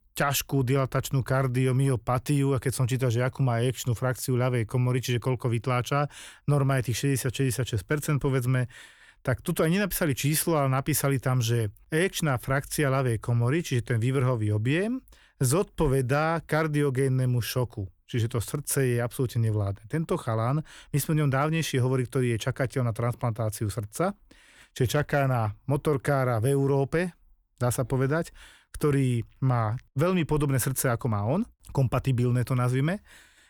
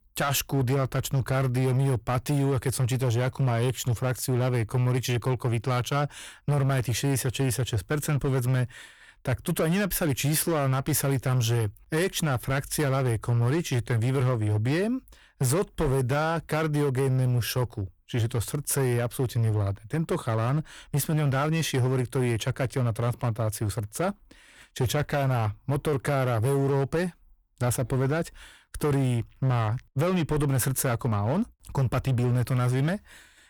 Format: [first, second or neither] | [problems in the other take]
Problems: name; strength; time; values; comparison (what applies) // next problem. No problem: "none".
first | distortion; slight; 13% of the sound clipped